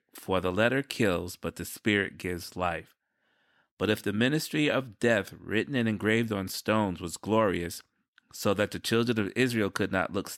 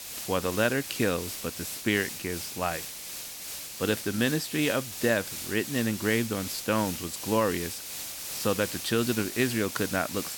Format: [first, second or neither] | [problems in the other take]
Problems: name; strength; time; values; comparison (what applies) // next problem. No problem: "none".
first | hiss; loud; throughout; 6 dB below the speech